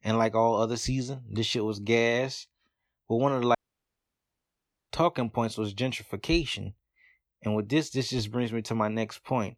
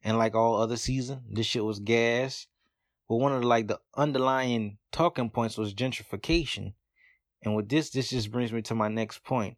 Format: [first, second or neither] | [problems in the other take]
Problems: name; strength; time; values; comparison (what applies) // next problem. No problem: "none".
second | audio cutting out; at 3.5 s for 1.5 s